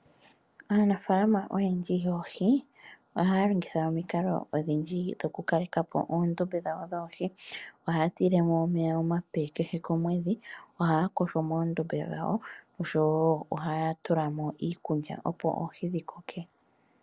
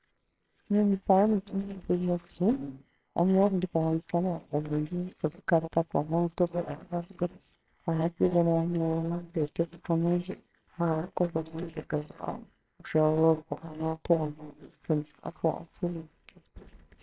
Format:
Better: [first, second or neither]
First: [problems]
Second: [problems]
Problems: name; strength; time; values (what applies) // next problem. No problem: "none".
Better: first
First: none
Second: noise reduction (neural separator model SepFormer WHAMR!)